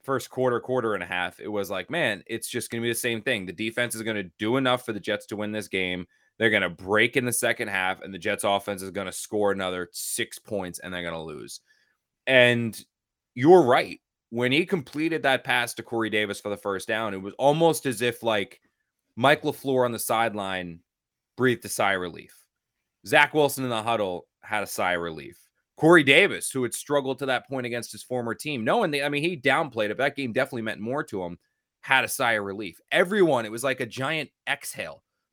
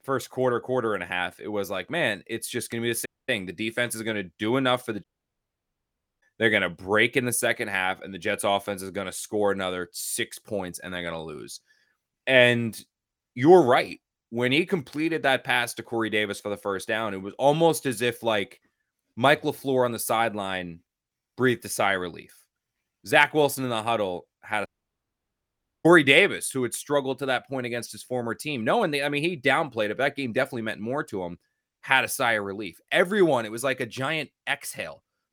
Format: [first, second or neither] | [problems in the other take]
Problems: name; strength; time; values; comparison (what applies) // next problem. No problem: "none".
first | audio cutting out; at 3 s, at 5 s for 1 s and at 25 s for 1 s